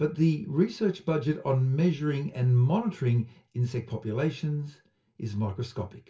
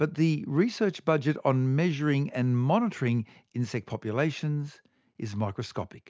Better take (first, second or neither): second